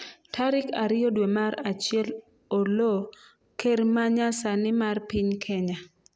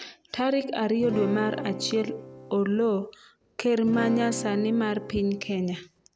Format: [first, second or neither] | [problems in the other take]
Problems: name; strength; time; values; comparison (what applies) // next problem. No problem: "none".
first | background sound (Acoustic guitar / Strum); 10 dB below the speech